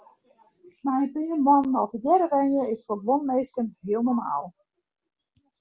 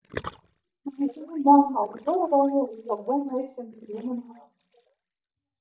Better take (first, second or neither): first